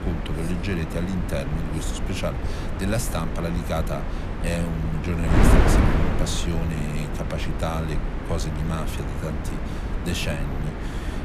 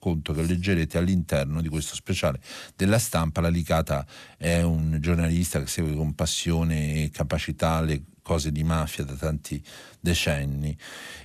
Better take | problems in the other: second | wind noise on the microphone; heavy; as loud as the speech

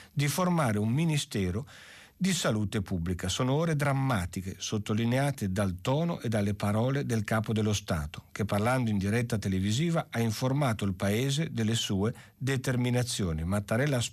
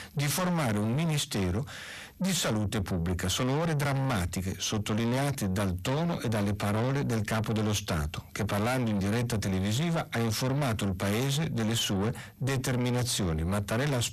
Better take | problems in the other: first | distortion; heavy; 8 dB below the speech

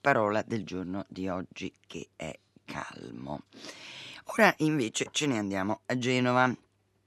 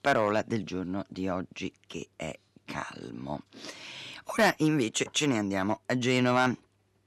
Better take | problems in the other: first | distortion; slight; 1% of the sound clipped

